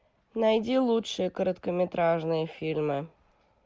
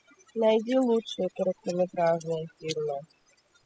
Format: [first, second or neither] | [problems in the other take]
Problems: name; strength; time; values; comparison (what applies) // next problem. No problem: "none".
first | noise reduction (classical method spectral subtraction)